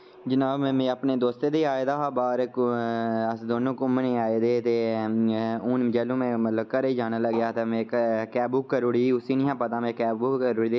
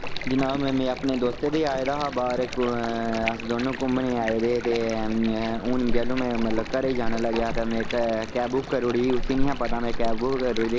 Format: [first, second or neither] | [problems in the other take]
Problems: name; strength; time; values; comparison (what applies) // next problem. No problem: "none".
first | background sound (Stream); 4 dB below the speech